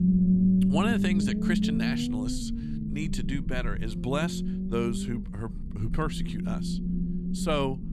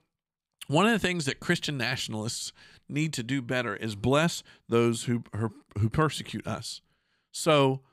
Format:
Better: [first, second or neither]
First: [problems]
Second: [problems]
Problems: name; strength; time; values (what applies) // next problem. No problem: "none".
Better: second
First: low rumble; loud; throughout; 2 dB below the speech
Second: none